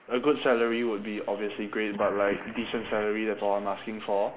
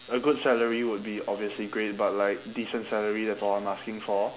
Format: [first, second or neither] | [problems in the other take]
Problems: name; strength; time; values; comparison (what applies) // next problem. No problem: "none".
second | noise reduction (neural mask model Resemble Enhance denoiser)